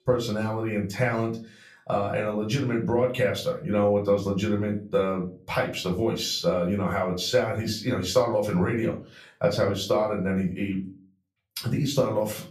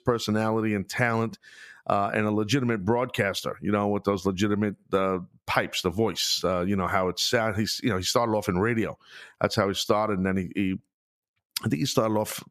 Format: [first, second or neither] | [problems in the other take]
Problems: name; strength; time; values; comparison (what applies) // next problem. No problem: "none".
second | room echo; slight; dies away in 0.3 s // off-mic speech; far